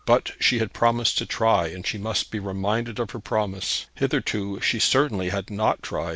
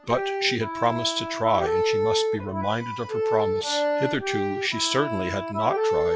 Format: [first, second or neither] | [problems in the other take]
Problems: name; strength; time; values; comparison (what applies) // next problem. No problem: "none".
first | noise reduction (classical method log-MMSE)